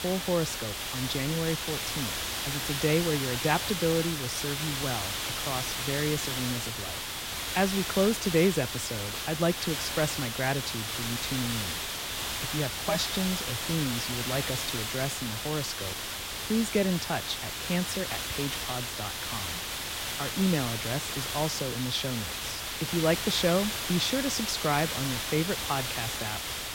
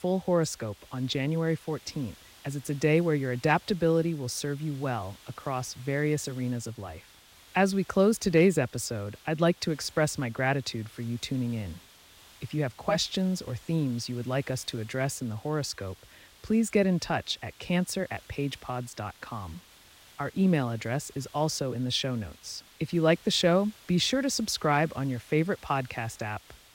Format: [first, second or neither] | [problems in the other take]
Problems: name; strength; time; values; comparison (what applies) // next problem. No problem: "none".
second | hiss; loud; throughout; 1 dB below the speech; faint in the second